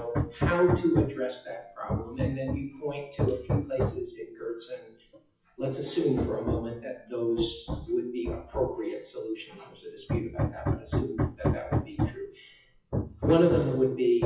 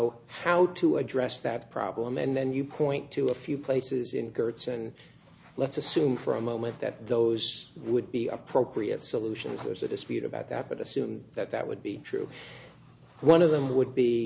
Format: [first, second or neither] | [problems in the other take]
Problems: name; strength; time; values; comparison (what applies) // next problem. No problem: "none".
second | noise reduction (classical method WPE with log-MMSE)